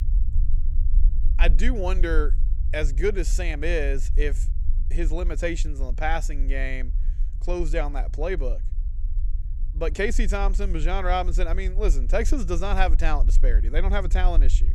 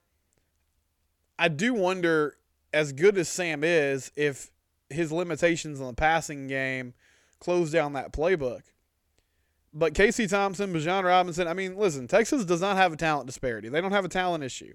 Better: second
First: low rumble; faint; throughout; 20 dB below the speech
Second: none

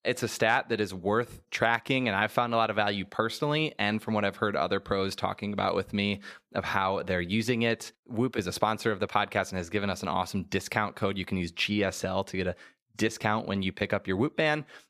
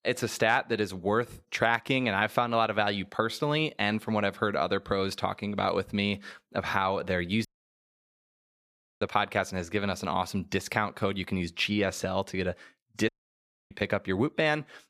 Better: first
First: none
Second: audio cutting out; at 7.5 s for 1.5 s and at 13 s for 0.5 s

